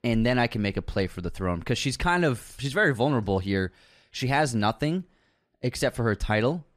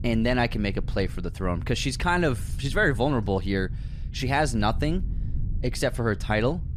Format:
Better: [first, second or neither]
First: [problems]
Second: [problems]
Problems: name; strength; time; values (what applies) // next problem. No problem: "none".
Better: first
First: none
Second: low rumble; faint; throughout; 25 dB below the speech